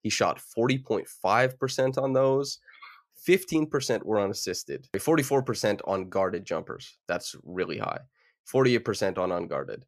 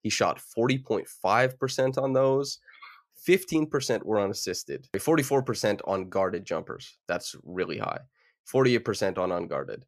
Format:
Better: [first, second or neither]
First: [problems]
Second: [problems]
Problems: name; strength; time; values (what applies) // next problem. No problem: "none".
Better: neither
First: none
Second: none